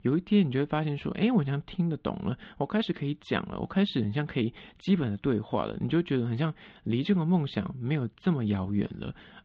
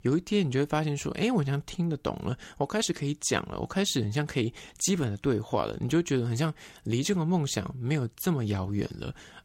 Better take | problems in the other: second | muffled; very; fading above 3.5 kHz

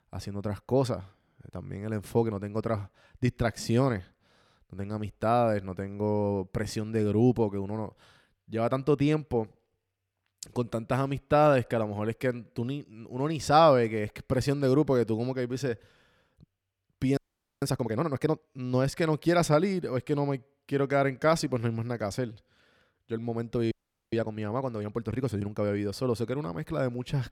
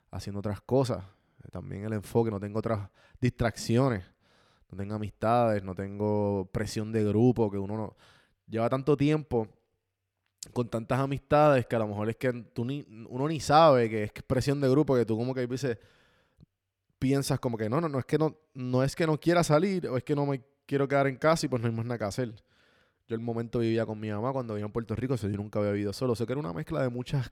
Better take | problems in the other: second | audio freezing; at 17 s and at 24 s

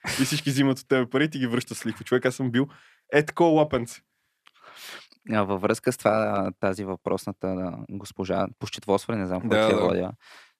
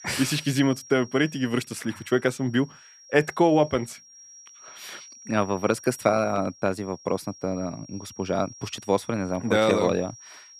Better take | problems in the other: first | high-pitched whine; noticeable; throughout; 5.5 kHz, 20 dB below the speech

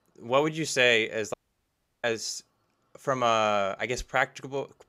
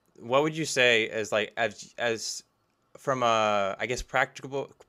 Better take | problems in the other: second | audio cutting out; at 1.5 s for 0.5 s

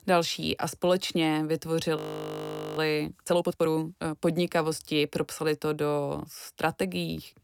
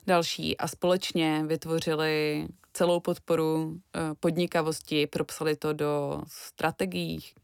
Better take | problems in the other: second | audio freezing; at 2 s for 1 s

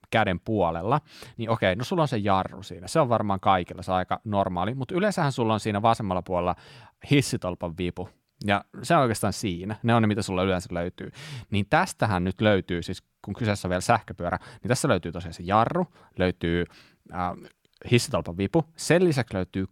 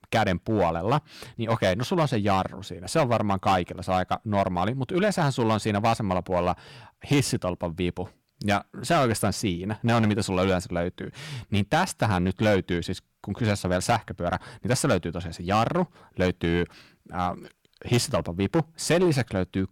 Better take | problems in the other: first | distortion; slight; 5% of the sound clipped

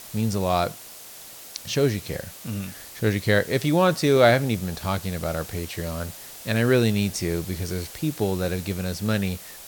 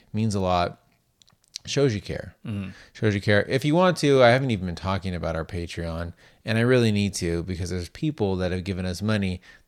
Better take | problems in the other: second | hiss; noticeable; throughout; 15 dB below the speech

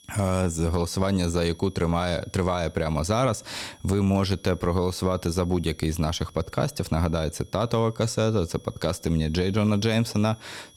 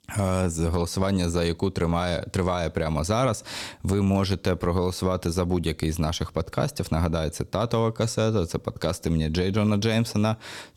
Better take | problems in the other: second | high-pitched whine; faint; throughout; 3.5 kHz, 30 dB below the speech

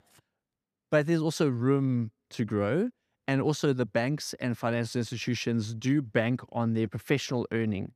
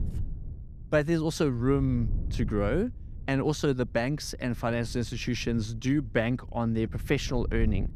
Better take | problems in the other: first | wind noise on the microphone; occasional gusts; 20 dB below the speech

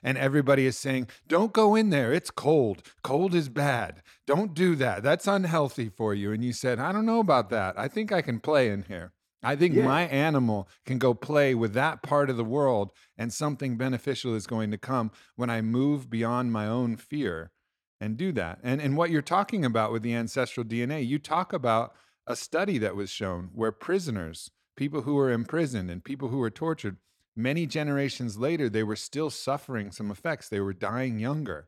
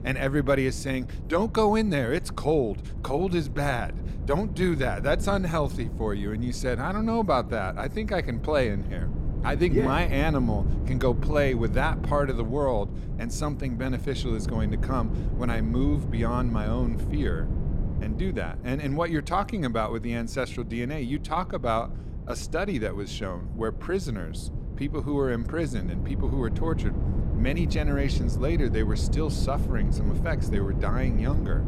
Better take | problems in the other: first | wind noise on the microphone; occasional gusts; 15 dB below the speech

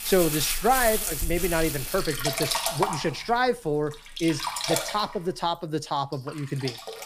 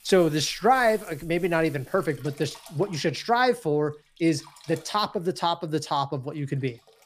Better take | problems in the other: second | household noises; loud; throughout; 1 dB below the speech; faint in the second

